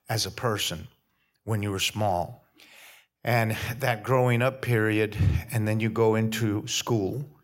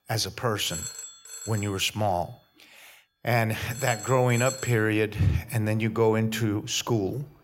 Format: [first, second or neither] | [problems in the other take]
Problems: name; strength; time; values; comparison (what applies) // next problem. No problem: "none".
first | alarms or sirens; noticeable; throughout; 10 dB below the speech